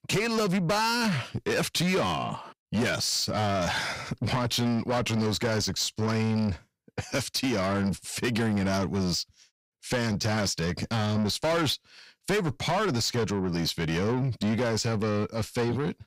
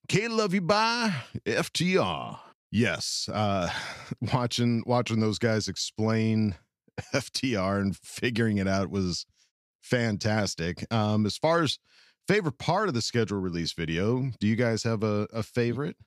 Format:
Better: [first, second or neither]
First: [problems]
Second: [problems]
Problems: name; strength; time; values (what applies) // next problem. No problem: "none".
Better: second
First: distortion; heavy; 7 dB below the speech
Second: none